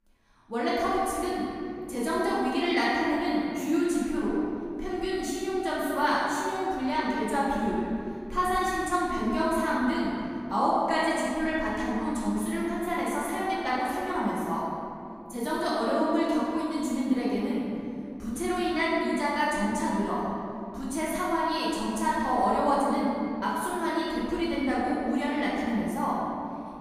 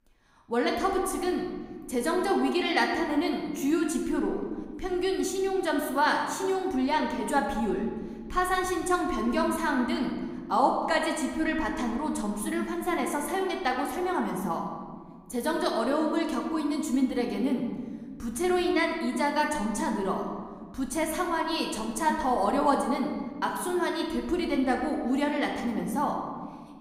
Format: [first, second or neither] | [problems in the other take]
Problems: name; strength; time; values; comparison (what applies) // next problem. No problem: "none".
second | room echo; strong; dies away in 2.7 s; slight in the second // off-mic speech; far